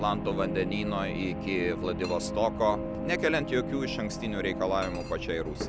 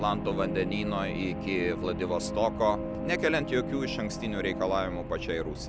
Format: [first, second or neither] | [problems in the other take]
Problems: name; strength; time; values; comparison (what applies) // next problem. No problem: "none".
second | background sound (Chink, clink); 20 dB below the speech